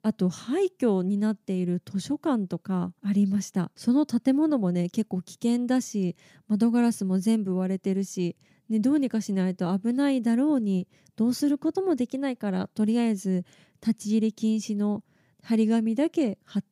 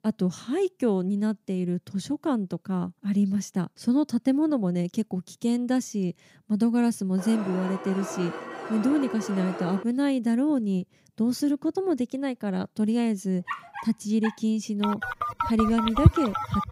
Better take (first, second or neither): first